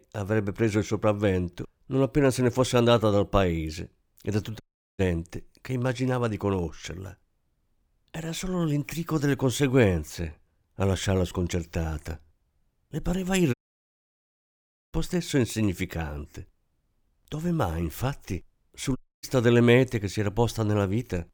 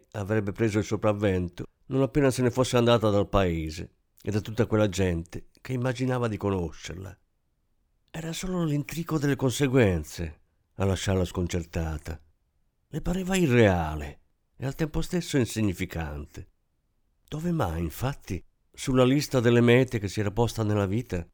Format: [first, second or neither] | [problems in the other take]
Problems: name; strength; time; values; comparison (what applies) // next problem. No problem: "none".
second | audio cutting out; at 4.5 s, at 14 s for 1.5 s and at 19 s